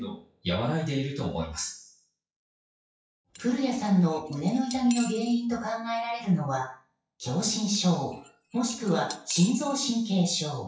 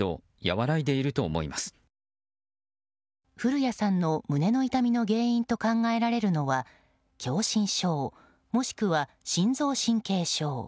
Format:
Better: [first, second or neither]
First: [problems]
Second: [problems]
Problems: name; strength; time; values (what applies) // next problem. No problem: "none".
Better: second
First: noise reduction (classical method WPE with log-MMSE)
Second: none